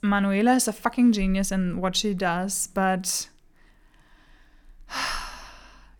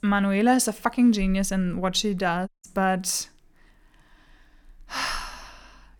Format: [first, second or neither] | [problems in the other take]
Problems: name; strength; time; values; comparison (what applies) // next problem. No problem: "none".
first | audio cutting out; at 2.5 s